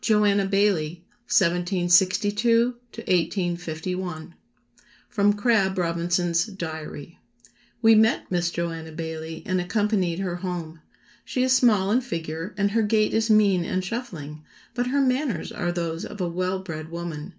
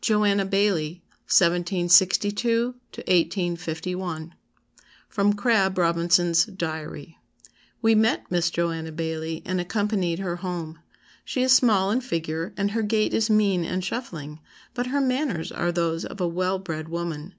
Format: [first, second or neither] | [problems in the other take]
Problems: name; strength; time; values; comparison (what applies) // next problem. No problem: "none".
second | room echo; dies away in 0.2 s